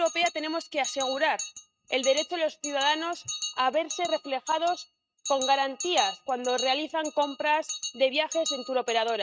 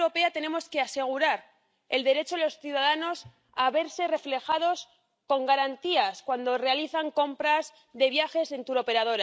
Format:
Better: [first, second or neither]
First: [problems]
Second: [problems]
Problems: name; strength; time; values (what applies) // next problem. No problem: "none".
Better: second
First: noise reduction (neural mask model RNNoise)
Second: none